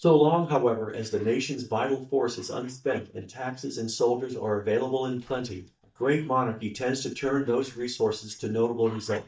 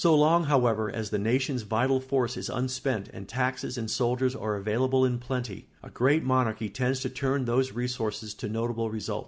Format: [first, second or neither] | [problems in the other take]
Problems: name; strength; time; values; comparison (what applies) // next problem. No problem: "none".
second | noise reduction (neural mask model DeepFilterNet 3)